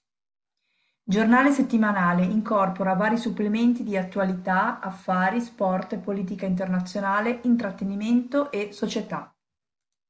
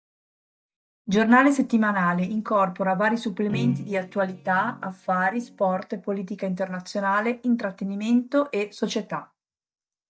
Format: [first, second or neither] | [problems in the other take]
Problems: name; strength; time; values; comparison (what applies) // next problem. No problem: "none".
first | noise reduction (neural mask model DeepFilterNet 3)